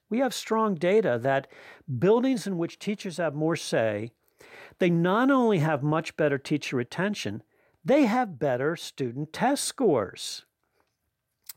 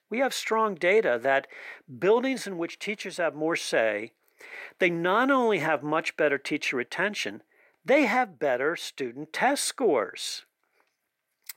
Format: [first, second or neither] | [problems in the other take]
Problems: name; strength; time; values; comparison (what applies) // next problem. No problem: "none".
first | thin; very slightly; fading below 350 Hz